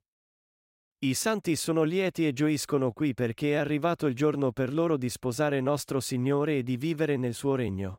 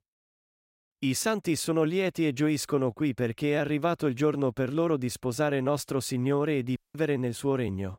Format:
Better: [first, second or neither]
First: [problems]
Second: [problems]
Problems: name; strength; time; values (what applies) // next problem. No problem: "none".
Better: first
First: none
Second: audio cutting out; at 7 s